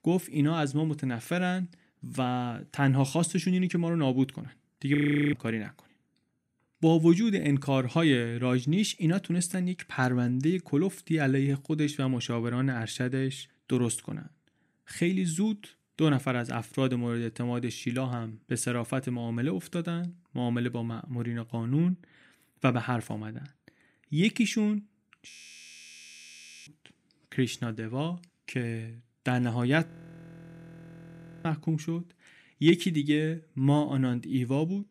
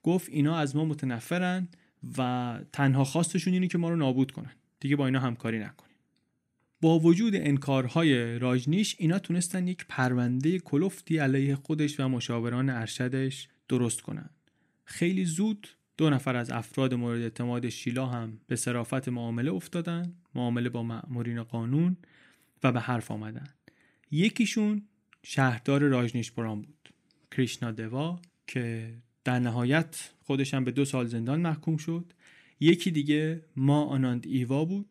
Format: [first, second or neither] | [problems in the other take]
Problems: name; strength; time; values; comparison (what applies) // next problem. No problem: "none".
second | audio freezing; at 5 s, at 25 s for 1.5 s and at 30 s for 1.5 s